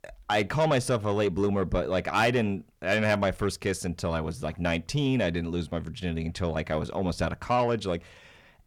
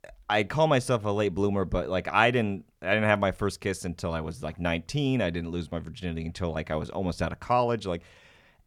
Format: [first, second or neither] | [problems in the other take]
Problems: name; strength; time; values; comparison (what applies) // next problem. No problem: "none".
second | distortion; slight; 10 dB below the speech